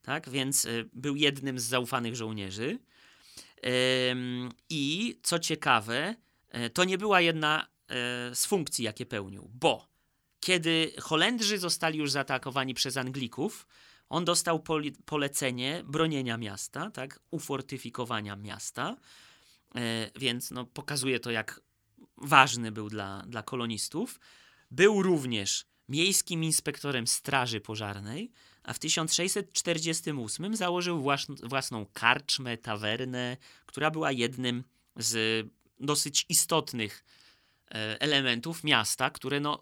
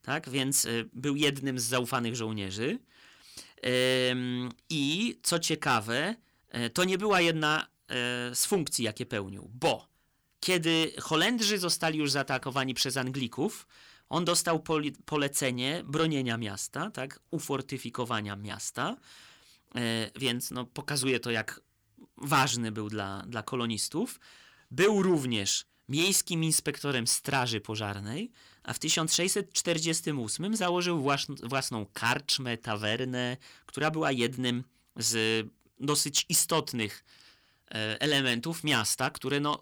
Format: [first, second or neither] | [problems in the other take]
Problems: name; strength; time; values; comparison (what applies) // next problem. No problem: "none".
first | distortion; slight; 10 dB below the speech